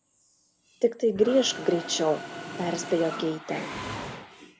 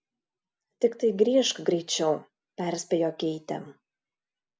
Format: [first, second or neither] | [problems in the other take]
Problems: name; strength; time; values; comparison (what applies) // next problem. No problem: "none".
second | background sound (Mechanisms); 11 dB below the speech